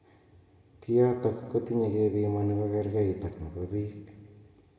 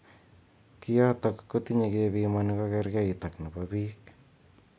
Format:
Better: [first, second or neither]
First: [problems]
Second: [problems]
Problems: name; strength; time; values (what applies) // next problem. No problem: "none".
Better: second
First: room echo; dies away in 1.6 s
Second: none